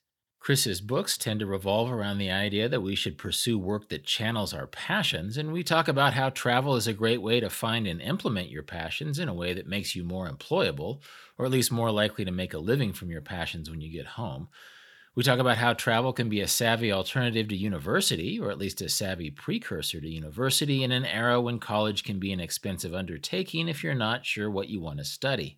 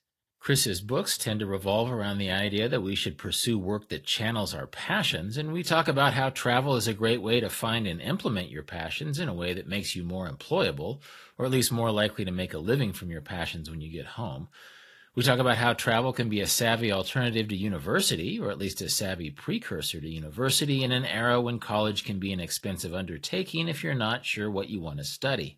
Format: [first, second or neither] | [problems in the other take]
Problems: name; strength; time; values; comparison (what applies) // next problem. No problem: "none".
first | garbled, watery; slightly